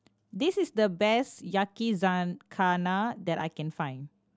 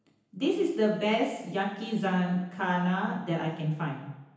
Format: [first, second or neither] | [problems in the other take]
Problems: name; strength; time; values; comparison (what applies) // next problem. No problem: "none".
first | room echo; dies away in 0.9 s